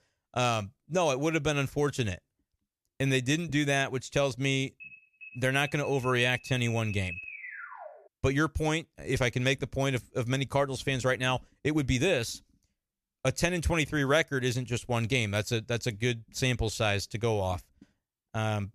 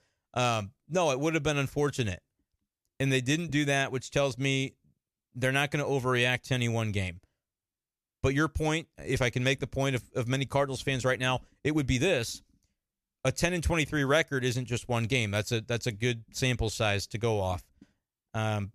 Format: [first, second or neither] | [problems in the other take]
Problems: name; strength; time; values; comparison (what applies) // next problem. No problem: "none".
second | alarm; noticeable; from 5 to 8 s; peak 9 dB below the speech